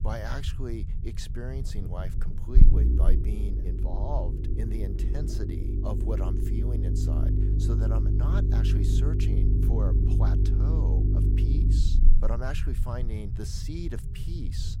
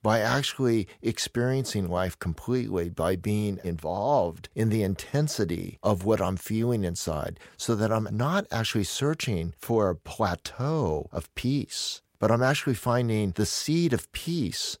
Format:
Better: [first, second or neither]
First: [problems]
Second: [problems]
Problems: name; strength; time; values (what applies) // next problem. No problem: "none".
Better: second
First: low rumble; loud; throughout; as loud as the speech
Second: none